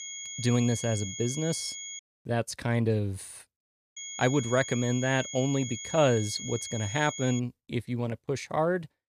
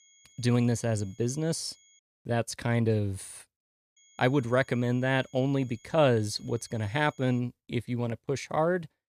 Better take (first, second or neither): second